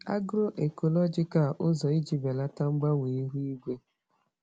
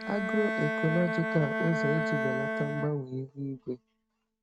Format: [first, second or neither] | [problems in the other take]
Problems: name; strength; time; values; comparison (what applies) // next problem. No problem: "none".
first | noise reduction (neural mask model RNNoise)